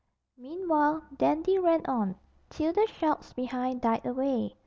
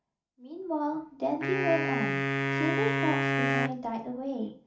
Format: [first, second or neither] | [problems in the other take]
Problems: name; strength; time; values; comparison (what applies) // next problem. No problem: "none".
first | background sound (Wind instrument, woodwind instrument); 2 dB above the speech // room echo; dies away in 0.4 s